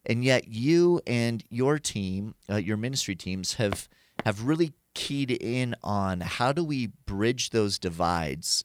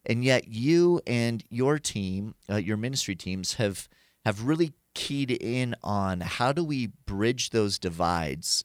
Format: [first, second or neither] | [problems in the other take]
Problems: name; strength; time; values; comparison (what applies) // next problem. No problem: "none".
second | footsteps; faint; at 3.5 s; peak 10 dB below the speech